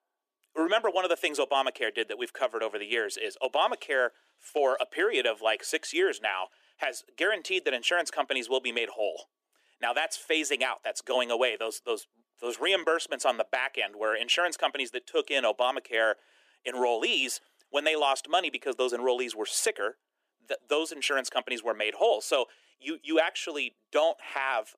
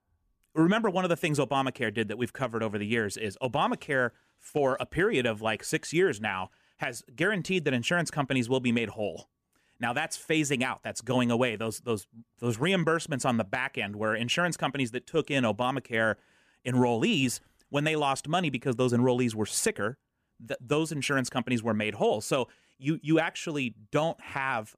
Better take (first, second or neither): second